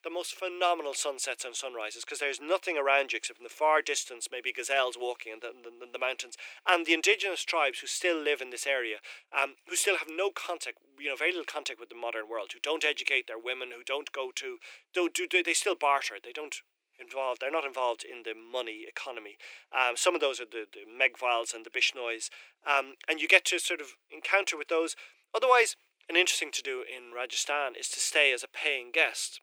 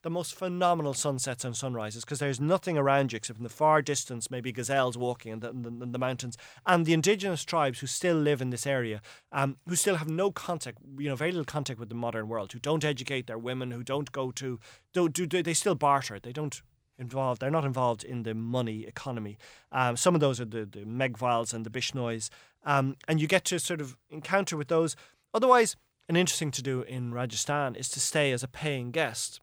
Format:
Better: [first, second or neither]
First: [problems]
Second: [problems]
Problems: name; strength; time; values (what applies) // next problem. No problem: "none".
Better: second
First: thin; very; fading below 350 Hz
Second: none